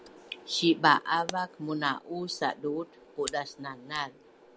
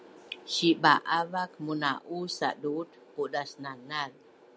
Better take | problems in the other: second | background sound (Camera); 19 dB below the speech

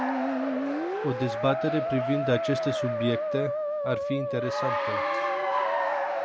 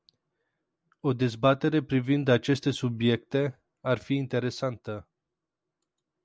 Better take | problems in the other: second | background sound (Applause / Cheering + Musical instrument); 3 dB above the speech

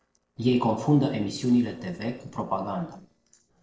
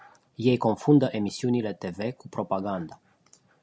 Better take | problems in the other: second | noise reduction (neural separator model SepFormer DNS4)

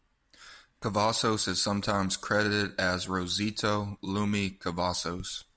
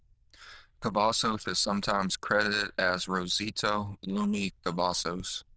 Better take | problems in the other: first | noise reduction (neural diffusion model UNIVERSE++)

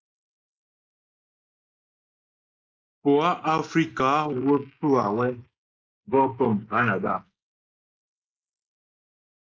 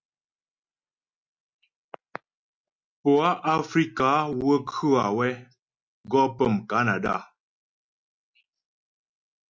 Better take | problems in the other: second | noise reduction (neural mask model Resemble Enhance denoiser)

